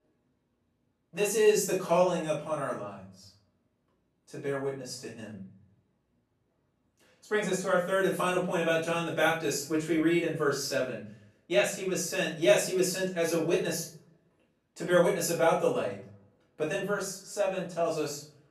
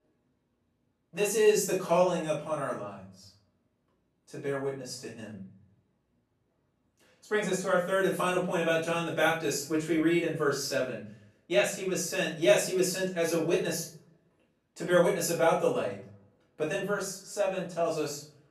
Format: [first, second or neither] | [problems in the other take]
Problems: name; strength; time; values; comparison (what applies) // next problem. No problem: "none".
neither | room echo; noticeable; dies away in 0.4 s; the same in both // off-mic speech; far; the same in both